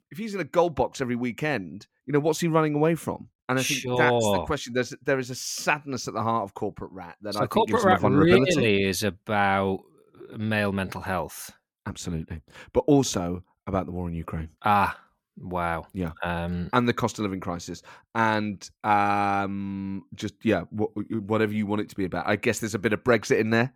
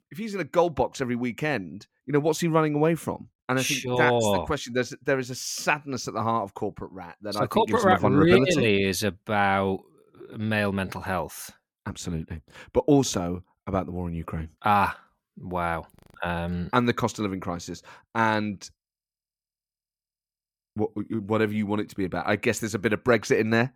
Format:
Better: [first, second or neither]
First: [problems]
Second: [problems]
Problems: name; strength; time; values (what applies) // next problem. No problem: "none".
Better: first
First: none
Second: audio freezing; at 16 s and at 19 s for 2 s